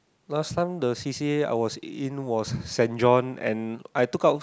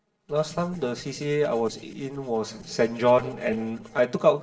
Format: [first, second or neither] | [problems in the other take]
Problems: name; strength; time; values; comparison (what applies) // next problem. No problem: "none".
first | noise reduction (neural separator model SepFormer DNS4)